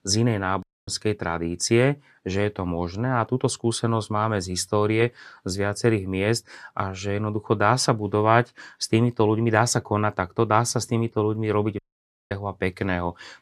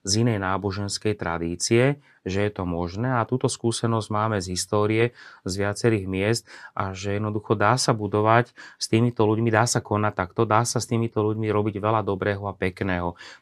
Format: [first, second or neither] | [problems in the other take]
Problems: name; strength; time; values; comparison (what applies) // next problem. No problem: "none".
second | audio cutting out; at 0.5 s and at 12 s for 0.5 s